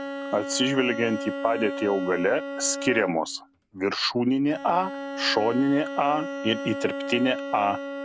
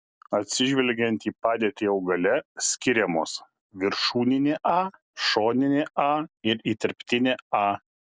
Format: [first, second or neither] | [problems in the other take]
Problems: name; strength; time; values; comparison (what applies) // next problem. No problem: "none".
second | background sound (Bowed string instrument); 8 dB below the speech